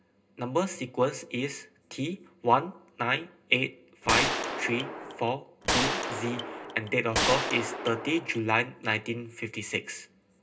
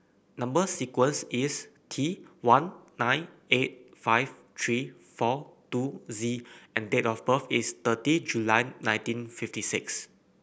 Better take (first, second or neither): second